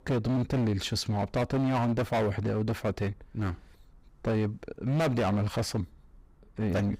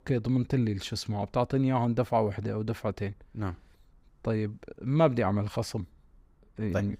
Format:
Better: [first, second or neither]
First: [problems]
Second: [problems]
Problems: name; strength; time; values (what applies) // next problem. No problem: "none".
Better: second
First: distortion; heavy; 16% of the sound clipped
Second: none